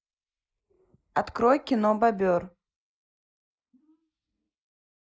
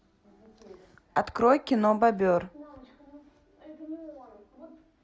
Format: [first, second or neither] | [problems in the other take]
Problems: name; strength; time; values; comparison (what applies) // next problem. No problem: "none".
second | noise reduction (neural mask model Resemble Enhance denoiser)